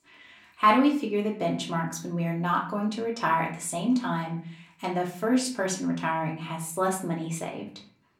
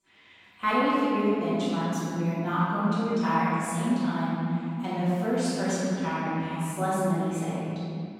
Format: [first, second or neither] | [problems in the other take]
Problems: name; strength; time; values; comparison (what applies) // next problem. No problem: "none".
first | room echo; strong; dies away in 3 s; slight in the first // off-mic speech; far; far in the first